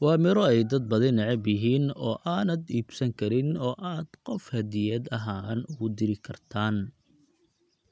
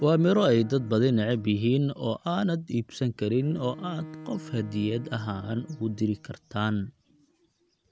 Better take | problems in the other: first | background sound (Bowed string instrument); 20 dB below the speech

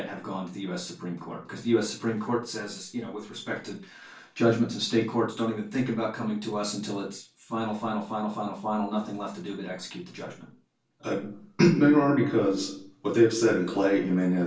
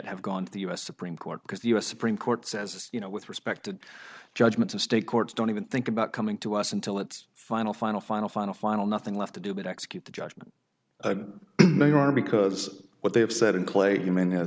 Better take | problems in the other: second | room echo; dies away in 0.3 s

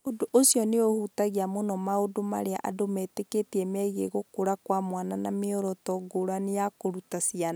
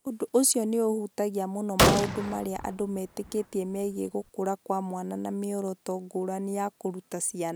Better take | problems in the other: first | background sound (Gunshot, gunfire); 1 dB above the speech

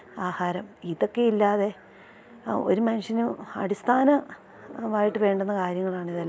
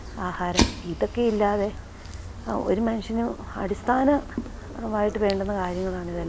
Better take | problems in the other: first | background sound (Fire); 7 dB below the speech

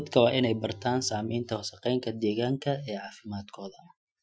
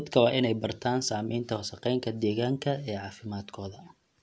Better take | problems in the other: second | noise reduction (classical method Wiener filter)

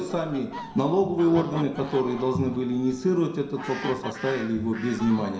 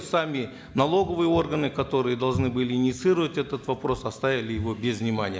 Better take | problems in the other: second | background sound (Fowl); 15 dB below the speech // room echo; dies away in 0.7 s

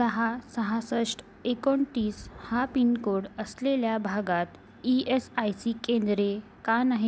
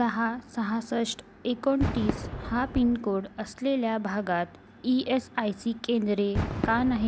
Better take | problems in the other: first | background sound (Fireworks); 9 dB below the speech

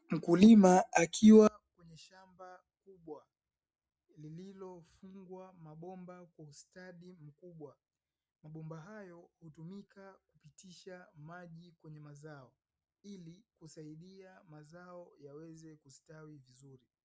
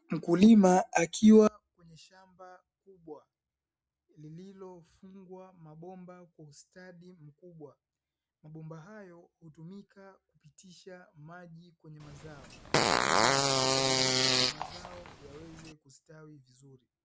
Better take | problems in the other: first | background sound (Fart); 2 dB above the speech

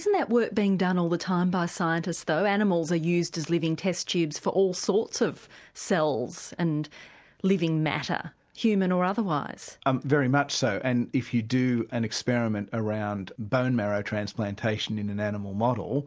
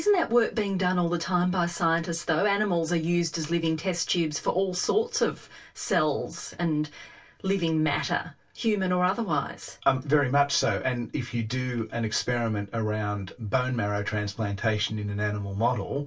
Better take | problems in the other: first | room echo; dies away in 0.2 s

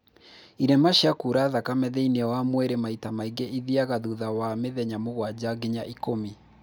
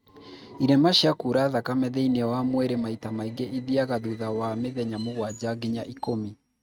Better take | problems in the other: first | noise reduction (neural mask model RNNoise)

